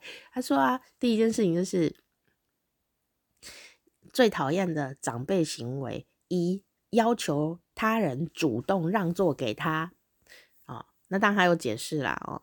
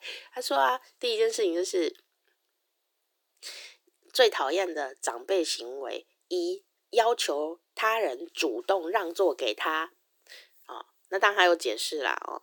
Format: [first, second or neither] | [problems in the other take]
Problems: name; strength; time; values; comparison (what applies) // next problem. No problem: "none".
first | thin; very; fading below 350 Hz